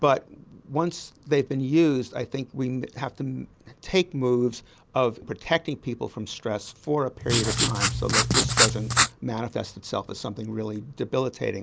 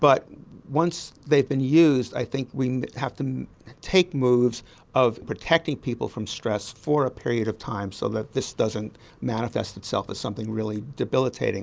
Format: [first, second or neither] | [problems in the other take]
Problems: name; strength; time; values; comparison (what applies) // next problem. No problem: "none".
second | background sound (Writing); 4 dB above the speech